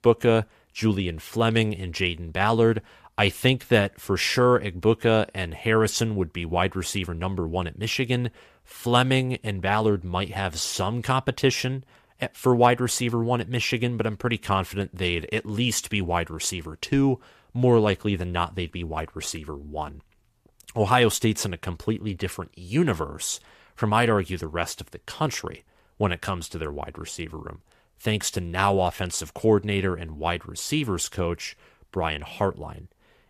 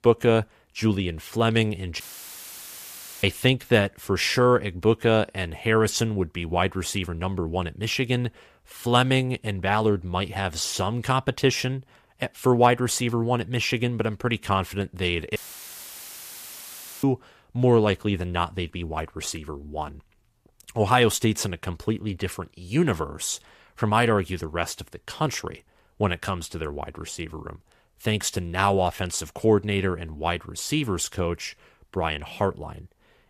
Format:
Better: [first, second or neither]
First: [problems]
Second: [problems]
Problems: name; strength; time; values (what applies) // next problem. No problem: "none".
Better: first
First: none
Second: audio cutting out; filled with static; at 2 s for 1 s and at 15 s for 1.5 s